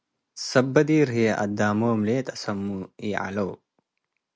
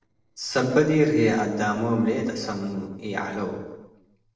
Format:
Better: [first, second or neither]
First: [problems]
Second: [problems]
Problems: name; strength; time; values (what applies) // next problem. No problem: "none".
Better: first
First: none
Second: noise reduction (neural separator model SepFormer DNS4)